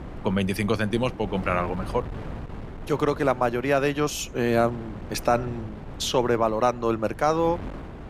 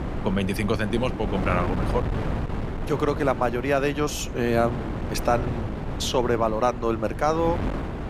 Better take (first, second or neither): first